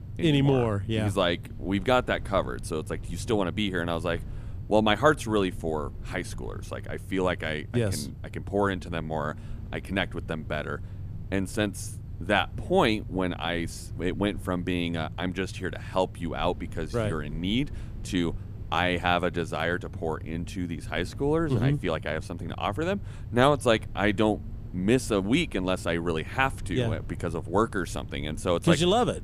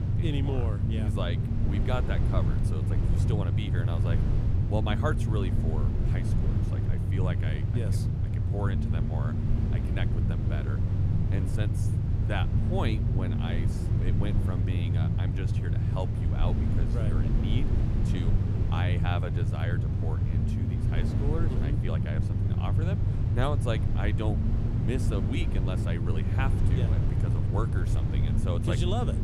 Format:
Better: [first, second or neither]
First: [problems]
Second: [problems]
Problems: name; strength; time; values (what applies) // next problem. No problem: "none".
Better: first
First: low rumble; faint; throughout; 25 dB below the speech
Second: low rumble; loud; throughout; 1 dB below the speech